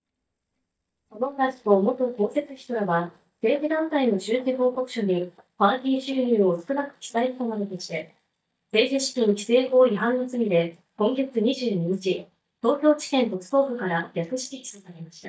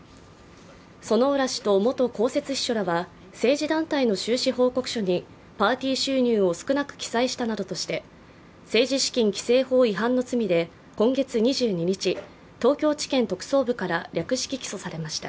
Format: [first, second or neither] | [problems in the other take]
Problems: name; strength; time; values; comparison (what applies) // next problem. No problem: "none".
second | noise reduction (neural mask model DeepFilterNet 3)